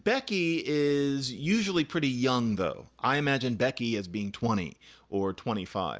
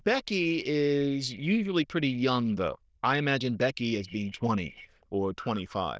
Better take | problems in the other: first | noise reduction (neural diffusion model UNIVERSE++)

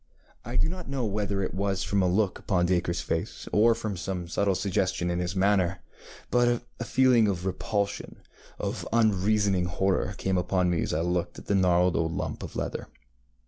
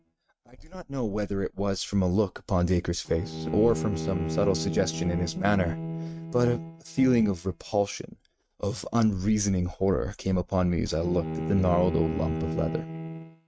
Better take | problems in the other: first | noise reduction (neural mask model RNNoise)

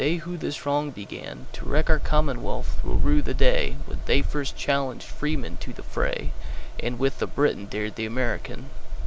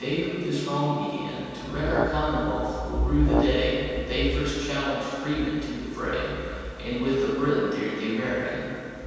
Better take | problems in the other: first | background sound (Brass instrument); 6 dB below the speech // room echo; dies away in 2.1 s

